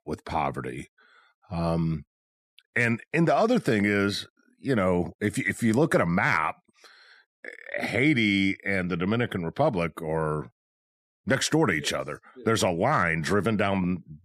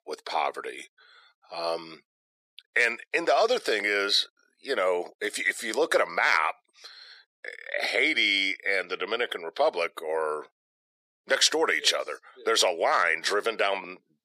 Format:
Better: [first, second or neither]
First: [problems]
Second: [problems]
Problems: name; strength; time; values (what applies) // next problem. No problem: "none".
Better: first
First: none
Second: thin; very; fading below 450 Hz